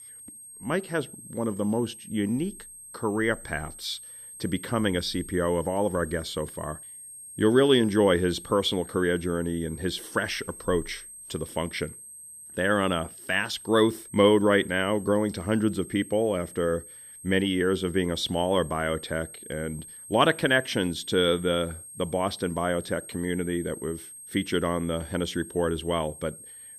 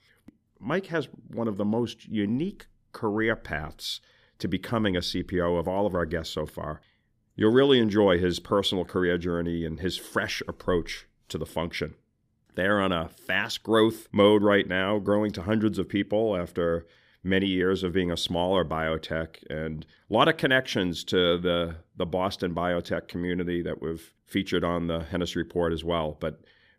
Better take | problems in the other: second | high-pitched whine; noticeable; throughout; 8.5 kHz, 15 dB below the speech

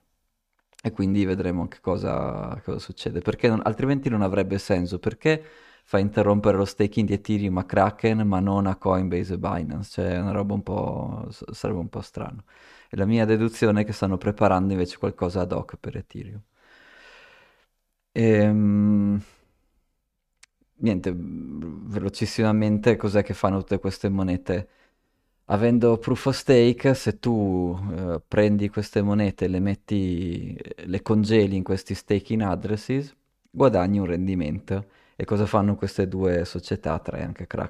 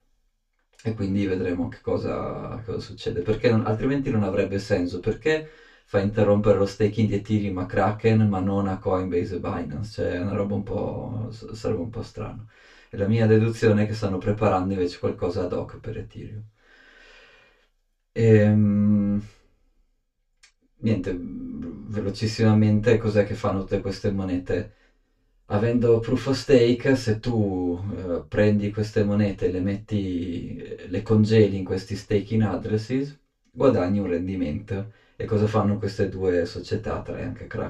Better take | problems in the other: first | room echo; very slight; dies away in 0.2 s // off-mic speech; far

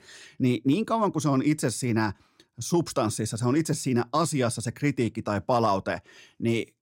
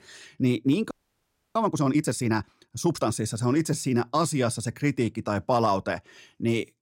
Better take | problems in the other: first | audio freezing; at 1 s for 0.5 s

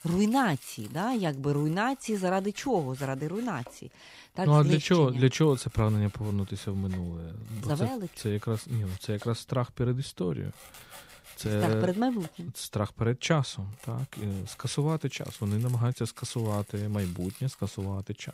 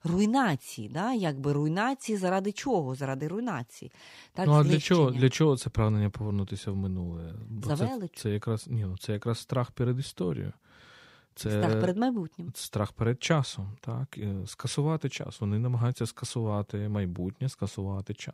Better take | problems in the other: second | household noises; faint; throughout; 20 dB below the speech

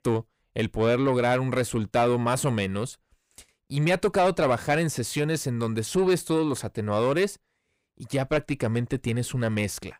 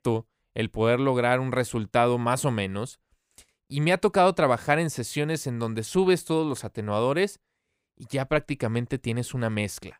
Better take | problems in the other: second | distortion; slight; 10 dB below the speech

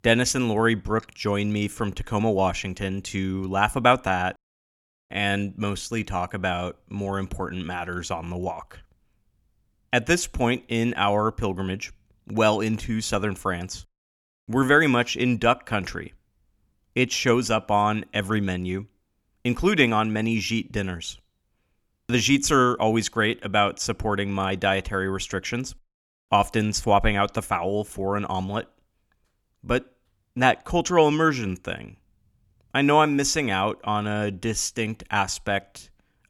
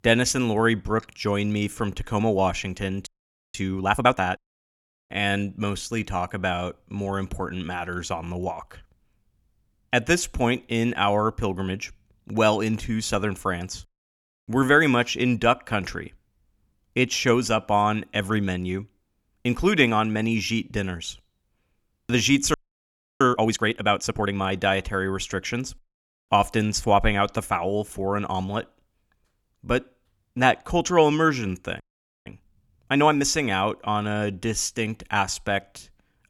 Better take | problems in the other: first | audio freezing; at 3 s, at 23 s for 0.5 s and at 32 s

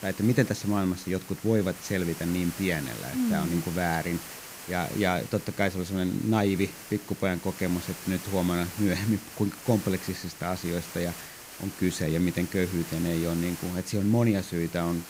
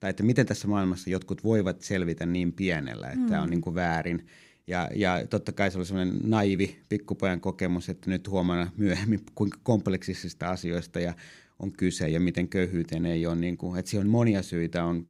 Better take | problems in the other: second | hiss; noticeable; throughout; 10 dB below the speech

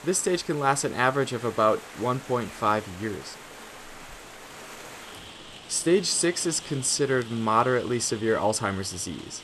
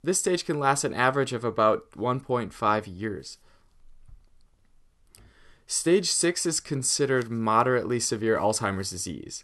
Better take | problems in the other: second | rain or running water; noticeable; throughout; 15 dB below the speech

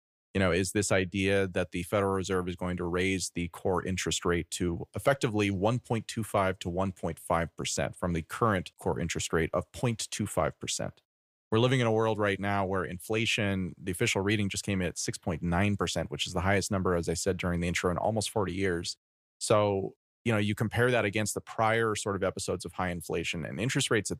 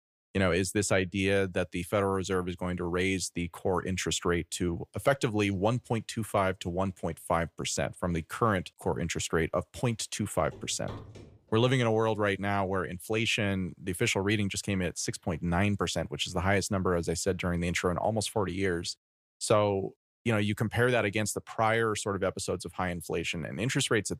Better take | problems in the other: first | footsteps; faint; at 11 s; peak 15 dB below the speech

